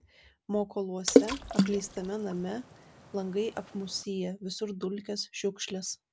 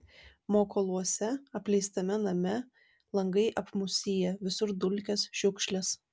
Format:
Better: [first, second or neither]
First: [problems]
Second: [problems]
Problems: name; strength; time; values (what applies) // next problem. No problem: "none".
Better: second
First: background sound (Water / Splash, splatter); 5 dB above the speech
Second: none